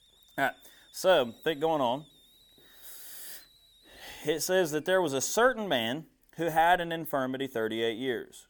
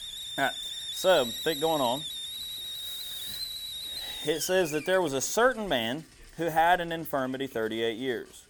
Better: first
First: hiss; faint; throughout; 30 dB below the speech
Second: hiss; loud; throughout; 6 dB below the speech

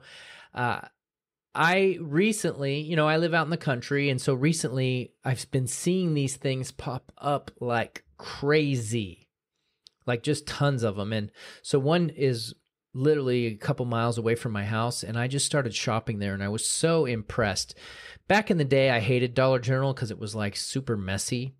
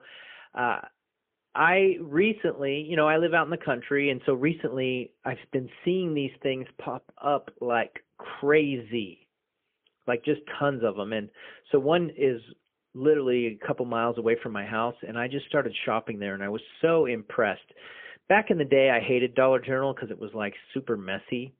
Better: first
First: none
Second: phone-call audio; poor line

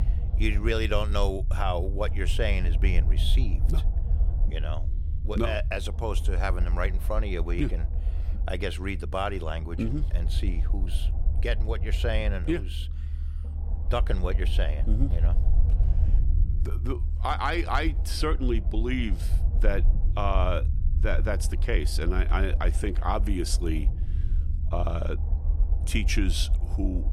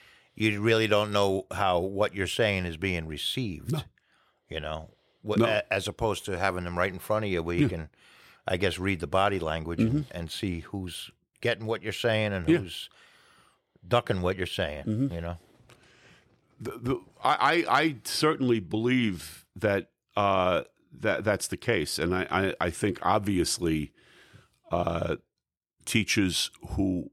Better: second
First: low rumble; noticeable; throughout; 15 dB below the speech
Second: none

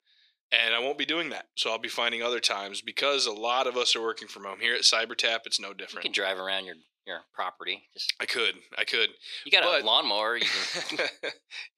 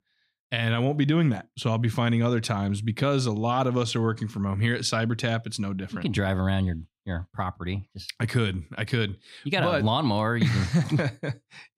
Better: second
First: thin; very; fading below 400 Hz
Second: none

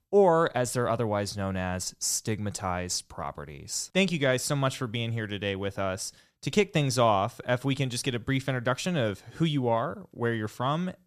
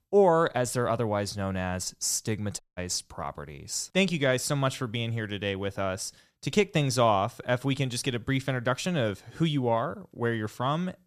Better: first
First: none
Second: audio cutting out; at 2.5 s

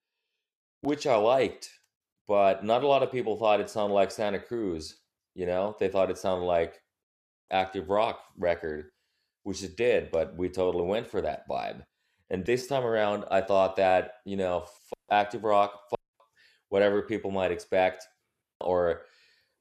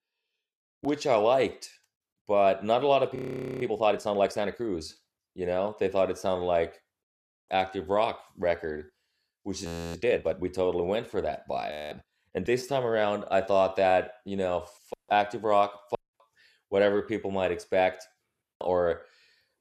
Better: first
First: none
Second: audio freezing; at 3 s, at 9.5 s and at 12 s

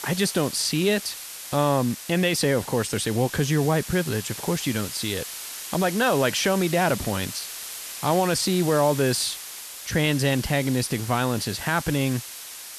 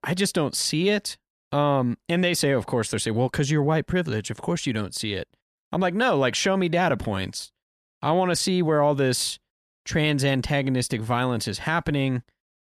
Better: second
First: hiss; loud; throughout; 10 dB below the speech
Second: none

